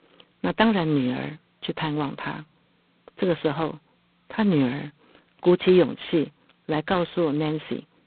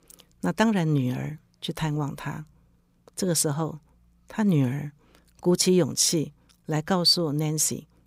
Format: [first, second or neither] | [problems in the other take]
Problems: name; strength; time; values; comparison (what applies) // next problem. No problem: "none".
second | phone-call audio; poor line; nothing above 4 kHz